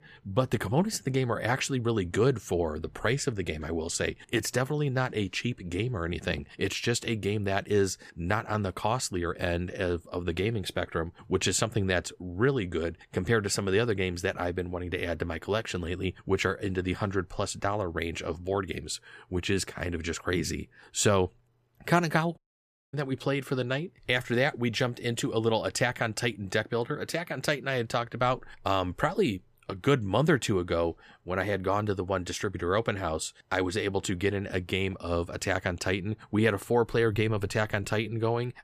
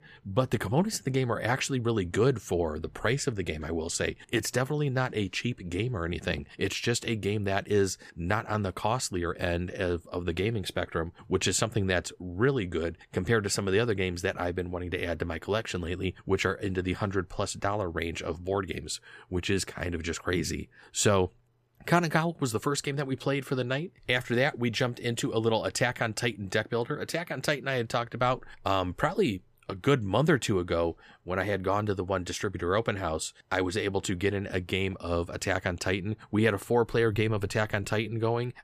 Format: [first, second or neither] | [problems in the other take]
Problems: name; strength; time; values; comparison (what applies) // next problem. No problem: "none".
second | audio cutting out; at 22 s for 0.5 s